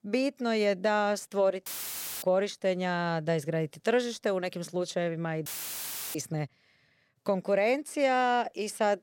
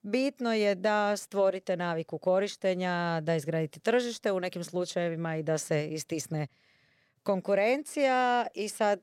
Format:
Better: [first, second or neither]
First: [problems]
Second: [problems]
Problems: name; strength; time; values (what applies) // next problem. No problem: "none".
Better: second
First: audio cutting out; filled with static; at 1.5 s for 0.5 s and at 5.5 s for 0.5 s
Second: none